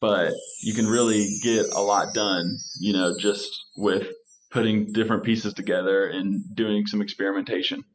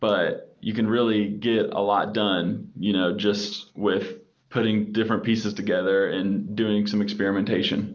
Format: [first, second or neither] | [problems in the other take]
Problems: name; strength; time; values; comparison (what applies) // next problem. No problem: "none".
second | noise reduction (classical method spectral subtraction)